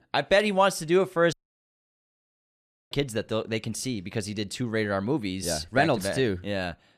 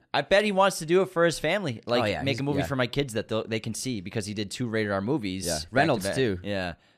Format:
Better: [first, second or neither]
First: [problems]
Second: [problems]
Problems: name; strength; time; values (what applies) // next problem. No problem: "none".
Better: second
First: audio cutting out; at 1.5 s for 1.5 s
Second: none